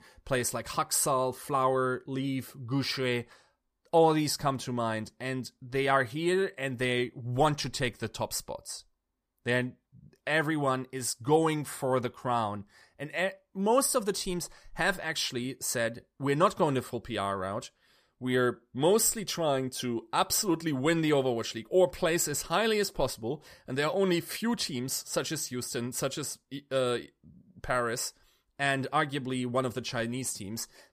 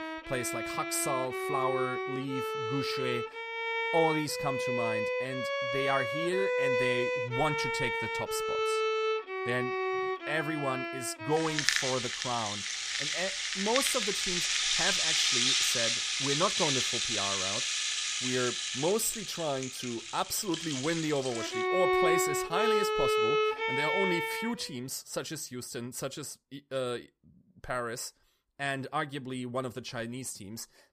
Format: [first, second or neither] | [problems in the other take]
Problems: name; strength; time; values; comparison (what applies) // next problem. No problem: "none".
first | background music; very loud; until 24 s; 4 dB above the speech